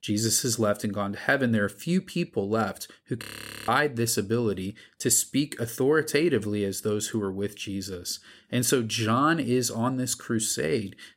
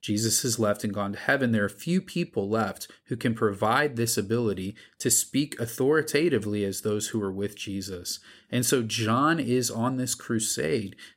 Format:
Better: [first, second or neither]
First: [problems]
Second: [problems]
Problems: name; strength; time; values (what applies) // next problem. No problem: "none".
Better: second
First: audio freezing; at 3 s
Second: none